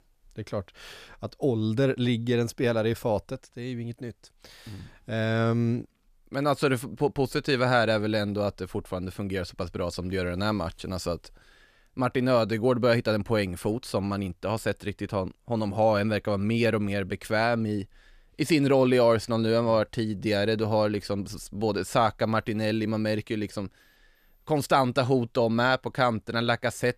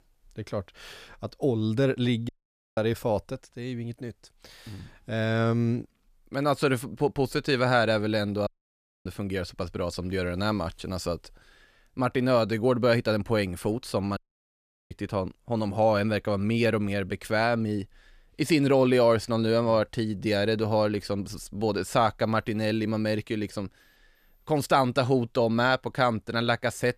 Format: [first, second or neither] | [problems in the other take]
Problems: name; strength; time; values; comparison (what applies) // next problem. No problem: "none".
first | audio cutting out; at 2.5 s, at 8.5 s for 0.5 s and at 14 s for 0.5 s